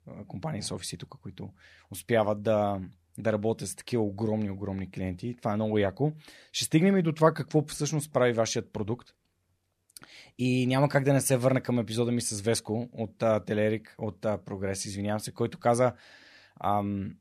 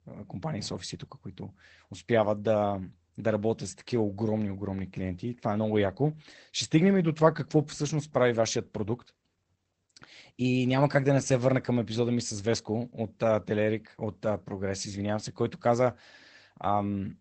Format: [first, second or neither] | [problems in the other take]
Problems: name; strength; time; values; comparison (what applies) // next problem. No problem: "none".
first | garbled, watery; badly; nothing above 8 kHz